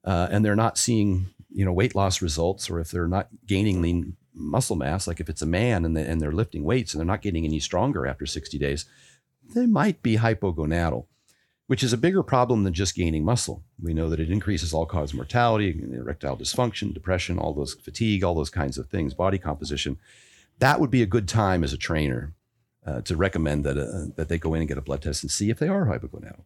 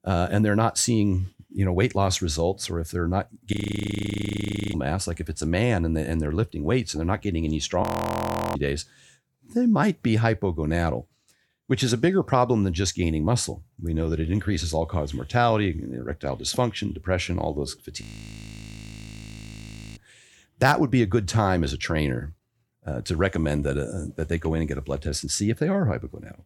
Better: first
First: none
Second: audio freezing; at 3.5 s for 1 s, at 8 s for 0.5 s and at 18 s for 2 s

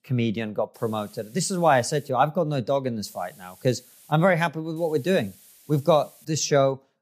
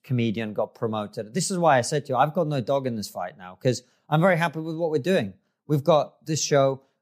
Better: second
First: hiss; faint; from 0.5 to 2 s, from 3 to 4 s and from 5 to 6.5 s; 25 dB below the speech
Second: none

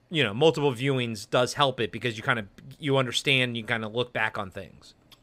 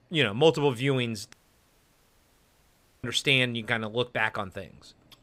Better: first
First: none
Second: audio cutting out; at 1.5 s for 1.5 s

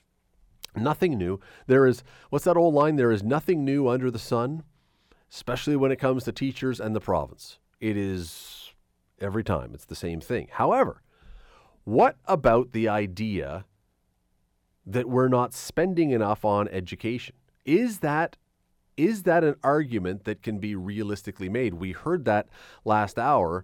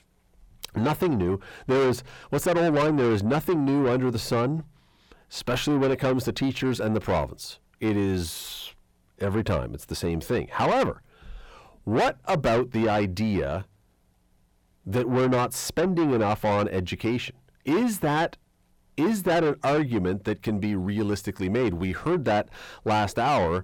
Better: first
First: none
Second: distortion; heavy; 7 dB below the speech

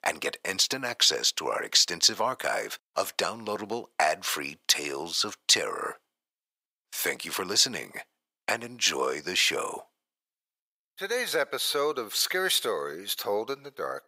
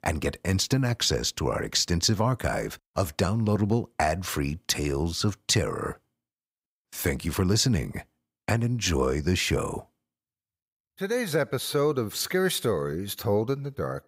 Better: second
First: thin; very; fading below 550 Hz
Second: none

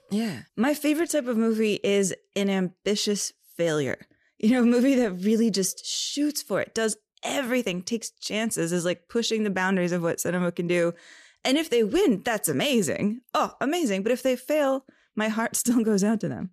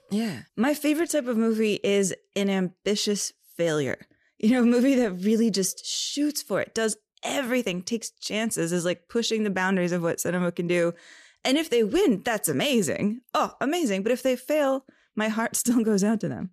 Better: neither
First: none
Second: none

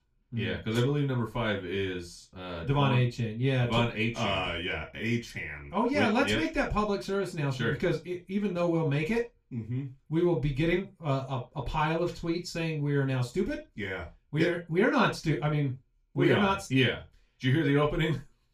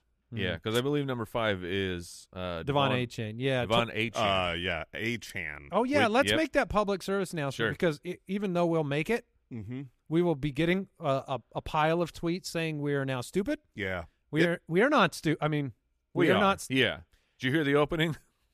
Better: second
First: room echo; slight; dies away in 0.2 s // off-mic speech; far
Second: none

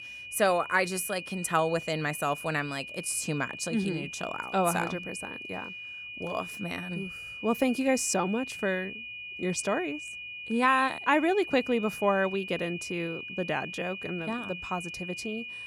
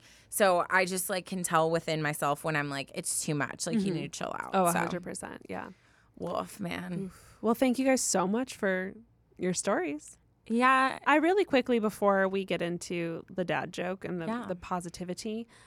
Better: second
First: high-pitched whine; loud; throughout; 2.5 kHz, 9 dB below the speech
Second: none

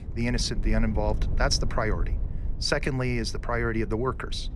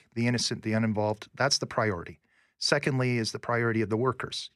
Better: second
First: low rumble; noticeable; throughout; 20 dB below the speech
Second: none

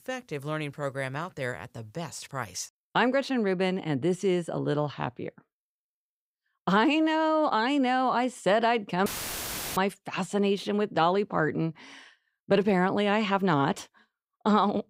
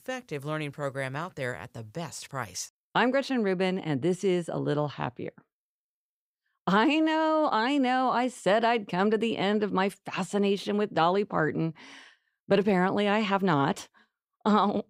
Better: second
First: audio cutting out; filled with static; at 9 s for 0.5 s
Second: none

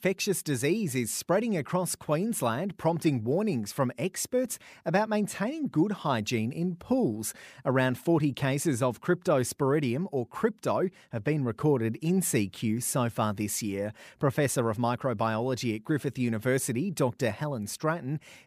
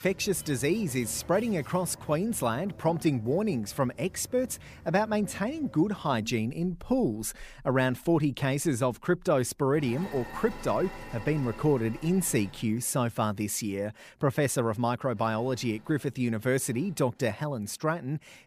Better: first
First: none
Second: machinery noise; noticeable; throughout; 20 dB below the speech

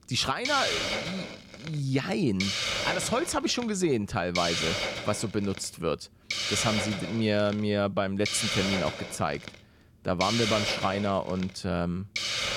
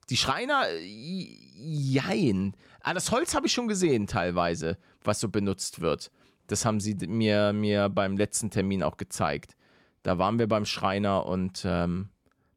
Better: second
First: hiss; loud; throughout; 1 dB below the speech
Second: none

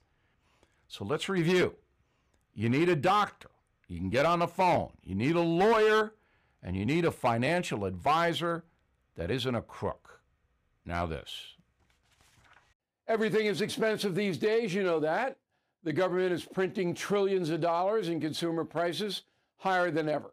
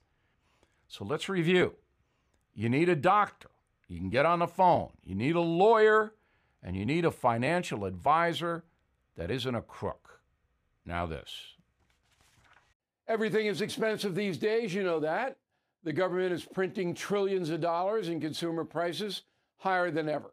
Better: second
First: distortion; slight; 3% of the sound clipped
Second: none

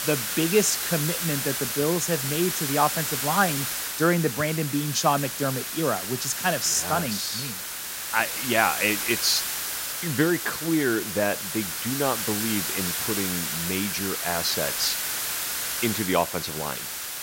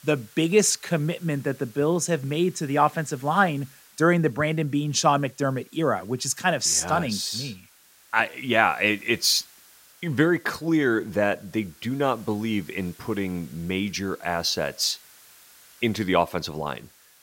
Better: second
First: hiss; loud; throughout; 2 dB below the speech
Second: hiss; faint; throughout; 25 dB below the speech

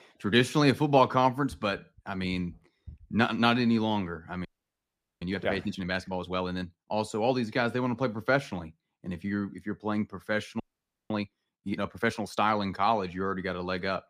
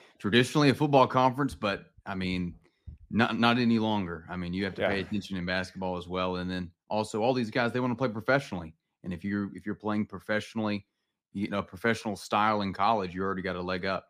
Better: second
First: audio freezing; at 4.5 s for 1 s and at 11 s for 0.5 s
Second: none

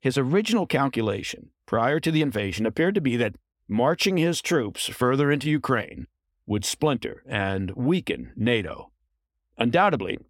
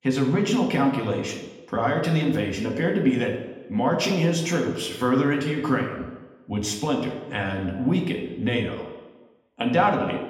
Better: first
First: none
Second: room echo; noticeable; dies away in 0.9 s // off-mic speech; far

